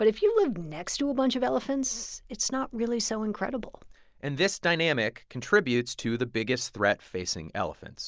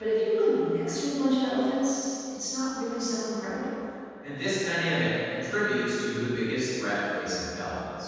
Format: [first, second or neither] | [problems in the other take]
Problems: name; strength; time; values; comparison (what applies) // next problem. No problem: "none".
first | room echo; dies away in 2.1 s